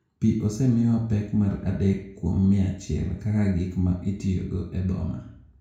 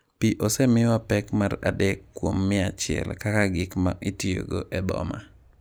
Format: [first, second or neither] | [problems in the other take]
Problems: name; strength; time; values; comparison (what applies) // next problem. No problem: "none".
second | room echo; dies away in 0.6 s